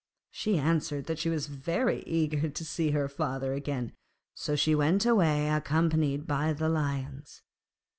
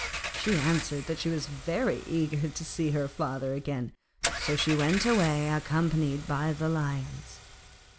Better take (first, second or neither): first